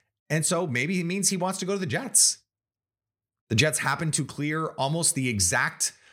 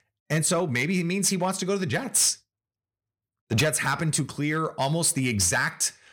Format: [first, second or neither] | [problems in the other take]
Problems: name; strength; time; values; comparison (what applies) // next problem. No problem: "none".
first | distortion; slight; 4% of the sound clipped